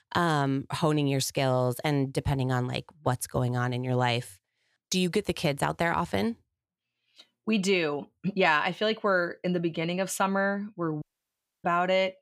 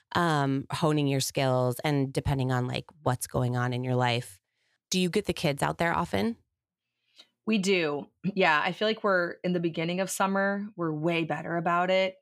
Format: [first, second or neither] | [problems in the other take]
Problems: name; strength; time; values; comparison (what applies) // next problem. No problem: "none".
second | audio cutting out; at 11 s for 0.5 s